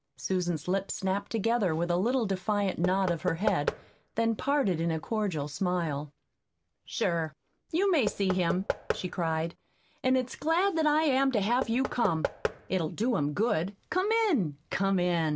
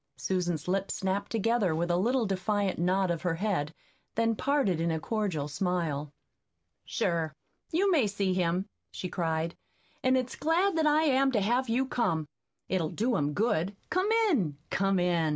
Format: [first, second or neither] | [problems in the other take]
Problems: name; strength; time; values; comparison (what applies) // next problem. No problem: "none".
second | background sound (Knock / Wood); 9 dB below the speech